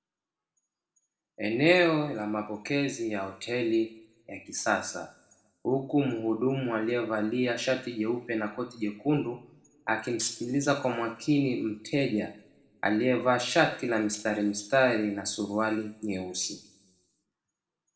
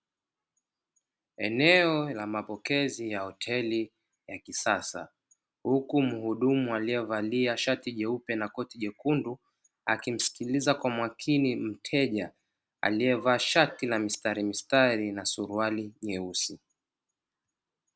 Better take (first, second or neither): second